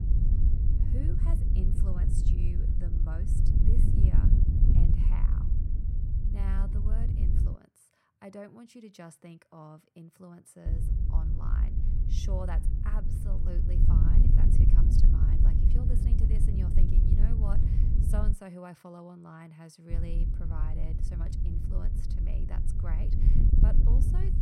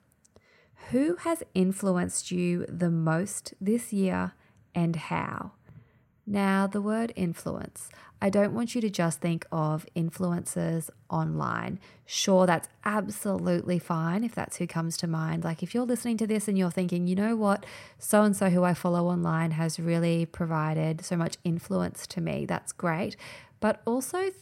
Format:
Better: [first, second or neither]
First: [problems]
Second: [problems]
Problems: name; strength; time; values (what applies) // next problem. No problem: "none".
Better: second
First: wind noise on the microphone; heavy; until 7.5 s, from 11 to 18 s and from 20 s on; 3 dB above the speech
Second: none